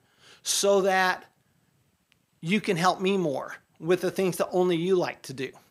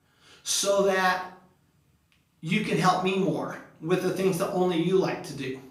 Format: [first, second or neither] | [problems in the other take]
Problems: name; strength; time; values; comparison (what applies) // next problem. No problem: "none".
first | room echo; slight; dies away in 0.5 s // off-mic speech; far